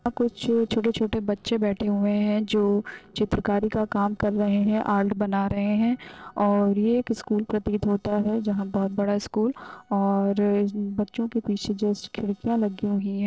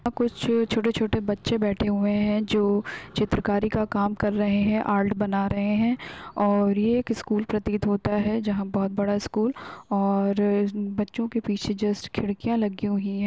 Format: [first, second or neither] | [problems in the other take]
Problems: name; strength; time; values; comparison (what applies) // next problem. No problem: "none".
second | noise reduction (neural separator model SepFormer DNS4)